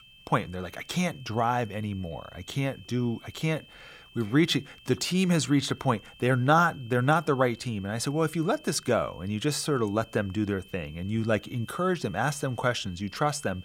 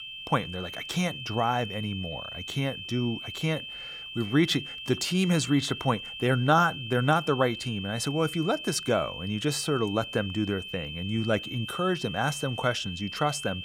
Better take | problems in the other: first | high-pitched whine; loud; throughout; 3 kHz, 9 dB below the speech; faint in the first

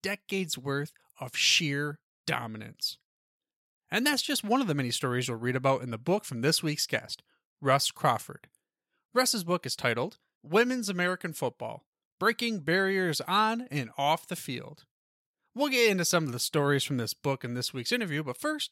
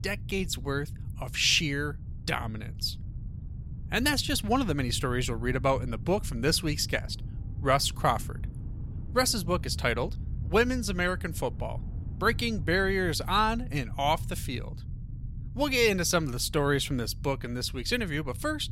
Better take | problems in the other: first | low rumble; faint; throughout; 25 dB below the speech

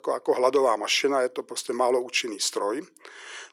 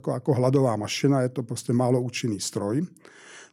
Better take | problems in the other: second | thin; very; fading below 400 Hz

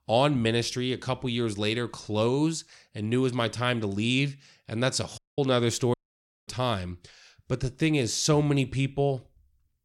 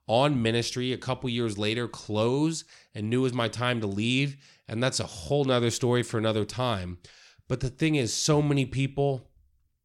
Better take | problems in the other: second | audio cutting out; at 5 s and at 6 s for 0.5 s

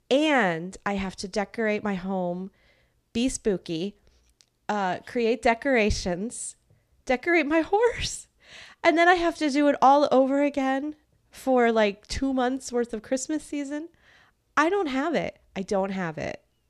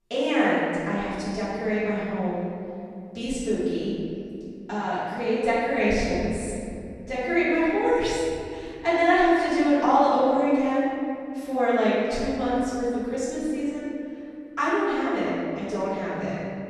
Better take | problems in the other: first | off-mic speech; far // room echo; strong; dies away in 2.6 s

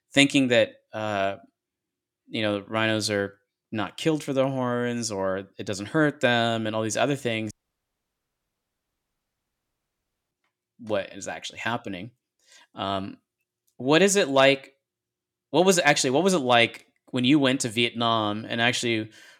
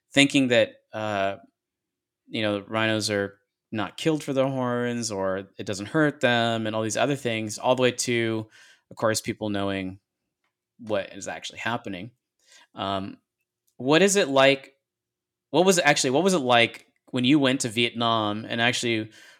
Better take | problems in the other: second | audio cutting out; at 7.5 s for 3 s

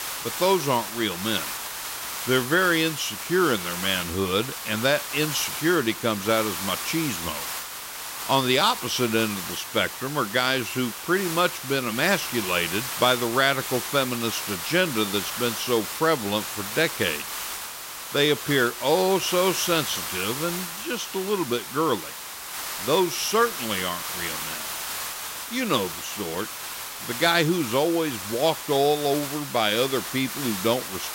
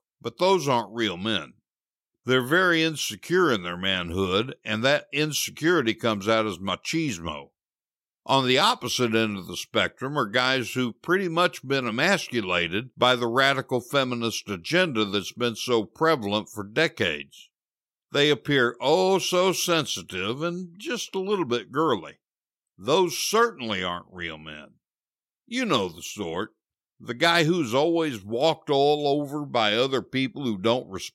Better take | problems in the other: second | hiss; loud; throughout; 6 dB below the speech

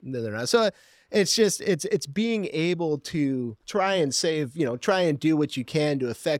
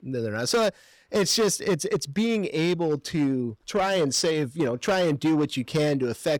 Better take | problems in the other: first | distortion; slight; 9% of the sound clipped

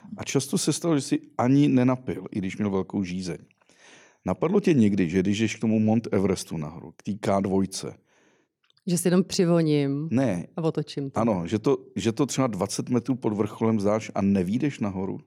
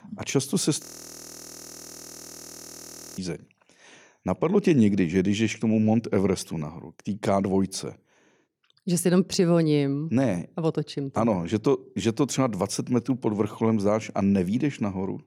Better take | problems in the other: first | audio freezing; at 1 s for 2.5 s

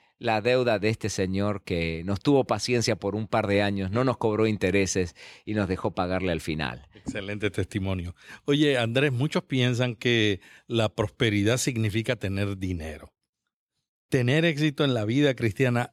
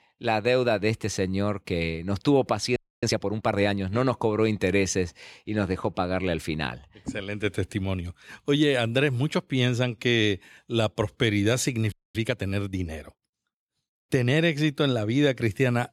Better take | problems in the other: first | audio freezing; at 3 s and at 12 s

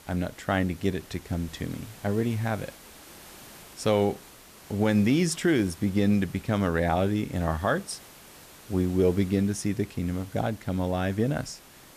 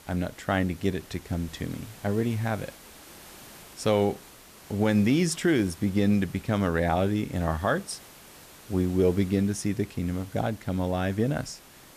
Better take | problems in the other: neither | hiss; faint; throughout; 20 dB below the speech; the same in both

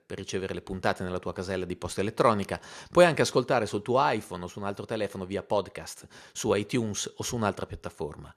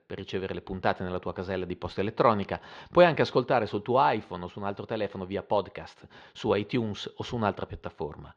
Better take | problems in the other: first | muffled; slightly; fading above 4 kHz

